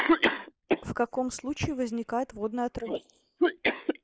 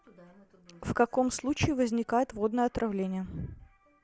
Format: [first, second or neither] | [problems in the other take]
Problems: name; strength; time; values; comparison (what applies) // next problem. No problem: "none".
second | noise reduction (neural mask model Resemble Enhance denoiser)